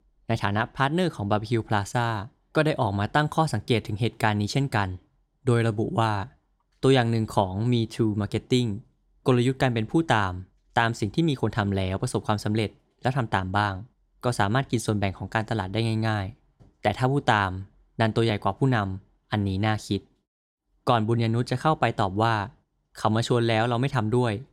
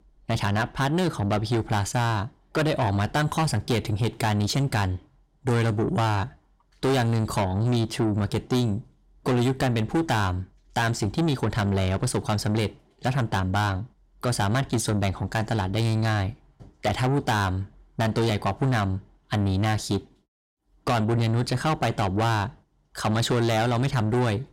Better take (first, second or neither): first